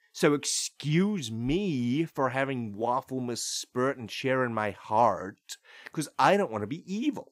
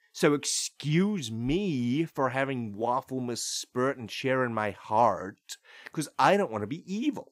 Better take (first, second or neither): neither